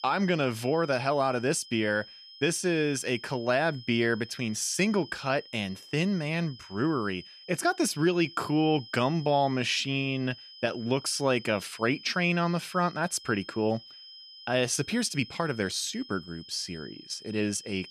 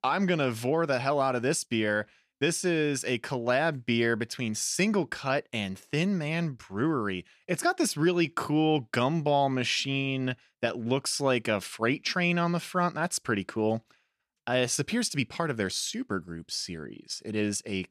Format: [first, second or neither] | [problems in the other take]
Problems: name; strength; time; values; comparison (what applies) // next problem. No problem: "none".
second | high-pitched whine; noticeable; throughout; 5 kHz, 20 dB below the speech